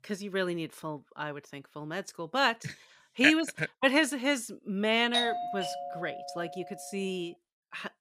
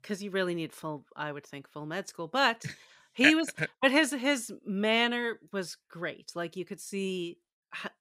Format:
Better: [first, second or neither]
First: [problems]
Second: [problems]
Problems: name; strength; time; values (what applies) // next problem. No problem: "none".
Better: second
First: doorbell; loud; from 5 to 6.5 s; peak 1 dB above the speech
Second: none